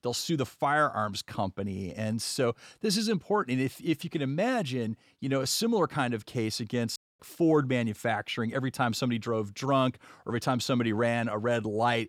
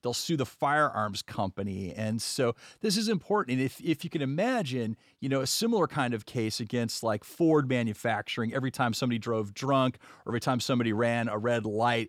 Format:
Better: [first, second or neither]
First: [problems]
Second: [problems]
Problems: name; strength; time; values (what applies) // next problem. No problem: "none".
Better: second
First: audio cutting out; at 7 s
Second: none